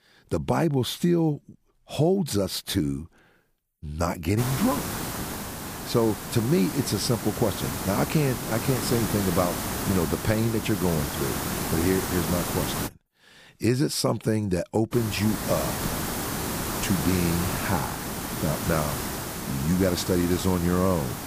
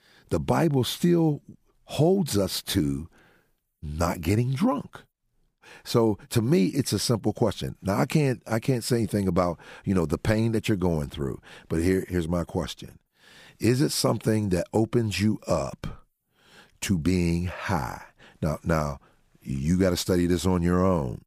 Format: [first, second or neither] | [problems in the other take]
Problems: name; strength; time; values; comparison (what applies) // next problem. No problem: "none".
second | hiss; loud; from 4.5 to 13 s and from 15 s on; 4 dB below the speech